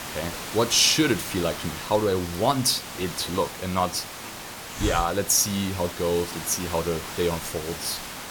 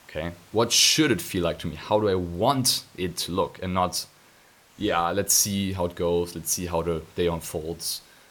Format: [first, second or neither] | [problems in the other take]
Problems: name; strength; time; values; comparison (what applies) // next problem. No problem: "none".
second | hiss; loud; throughout; 9 dB below the speech; faint in the second